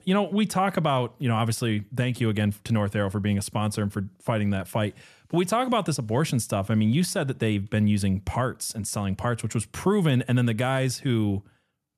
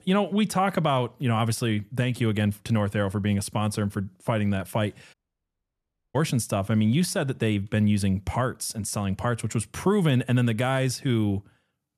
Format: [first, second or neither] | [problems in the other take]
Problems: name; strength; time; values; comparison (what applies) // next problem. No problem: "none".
first | audio cutting out; at 5 s for 1 s